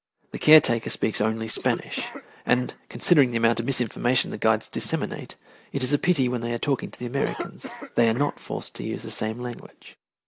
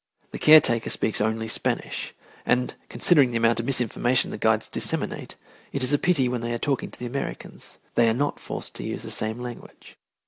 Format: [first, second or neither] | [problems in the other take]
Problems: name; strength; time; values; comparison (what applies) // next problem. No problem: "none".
second | noise reduction (neural mask model Resemble Enhance denoiser)